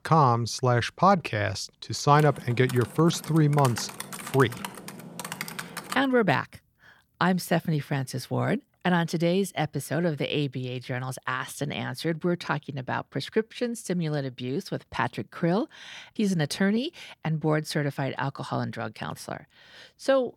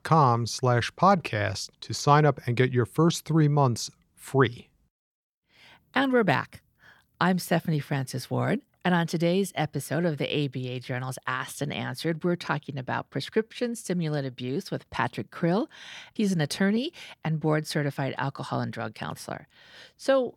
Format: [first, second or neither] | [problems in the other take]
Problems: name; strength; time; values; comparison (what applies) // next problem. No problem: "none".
second | keyboard typing; noticeable; from 2 to 6 s; peak 8 dB below the speech